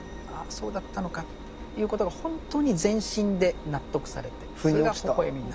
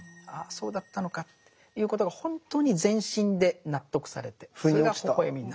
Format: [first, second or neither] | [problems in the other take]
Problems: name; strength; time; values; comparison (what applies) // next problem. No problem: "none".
second | background sound (Engine); 11 dB below the speech